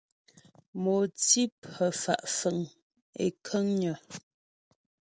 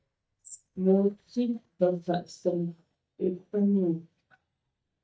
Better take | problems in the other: first | noise reduction (neural mask model DeepFilterNet 3)

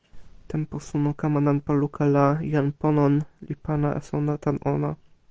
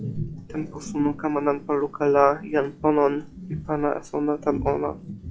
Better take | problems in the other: first | noise reduction (classical method log-MMSE)

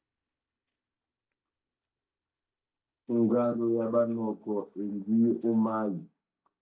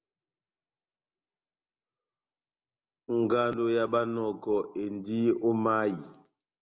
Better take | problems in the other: second | noise reduction (neural mask model DeepFilterNet 3)

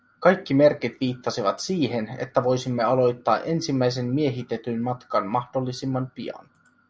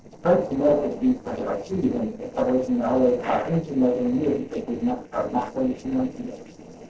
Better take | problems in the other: first | noise reduction (neural separator model SepFormer DNS4)

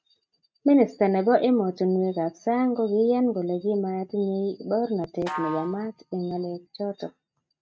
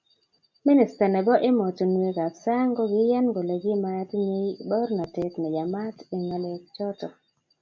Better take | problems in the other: second | noise reduction (neural mask model RNNoise)

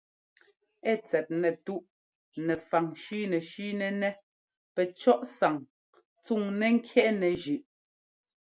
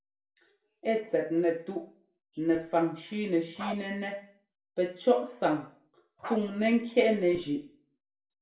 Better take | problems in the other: first | background sound (Bark); 13 dB below the speech // room echo; dies away in 0.4 s

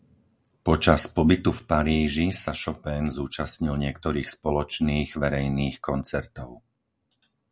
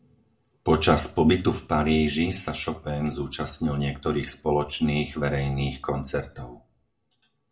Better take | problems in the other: first | room echo; dies away in 0.3 s

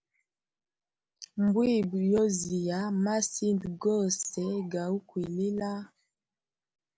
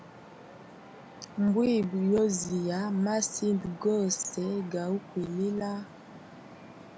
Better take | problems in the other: first | background sound (Traffic noise, roadway noise); 18 dB below the speech

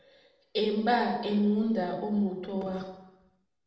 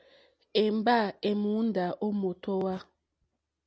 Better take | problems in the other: second | room echo; dies away in 0.8 s

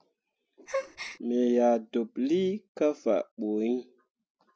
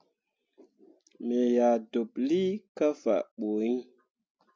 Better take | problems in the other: second | background sound (Gasp); 12 dB below the speech

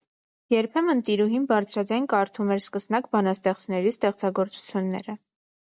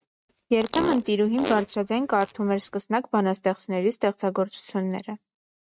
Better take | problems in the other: first | noise reduction (neural mask model RNNoise)

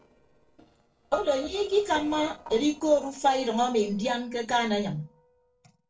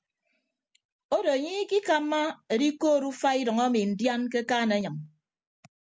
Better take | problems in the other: second | noise reduction (neural separator model SepFormer DNS4)

